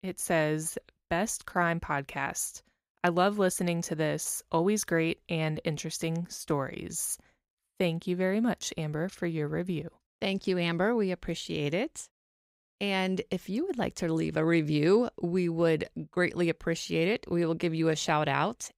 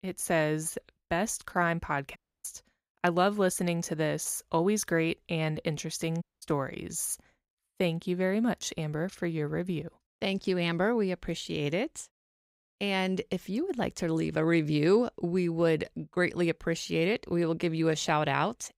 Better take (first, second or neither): first